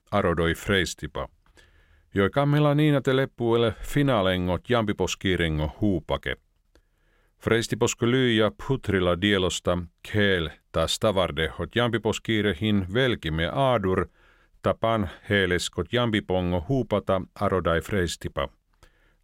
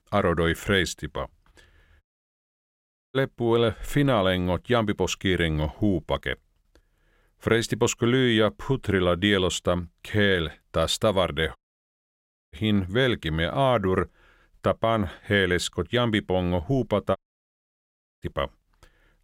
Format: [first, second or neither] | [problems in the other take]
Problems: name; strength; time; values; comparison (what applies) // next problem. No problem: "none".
first | audio cutting out; at 2 s for 1 s, at 12 s for 1 s and at 17 s for 1 s